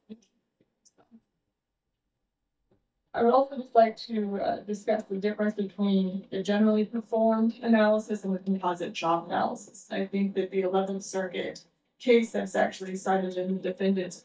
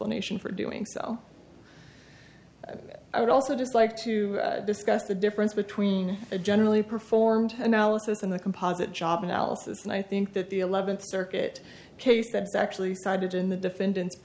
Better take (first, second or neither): second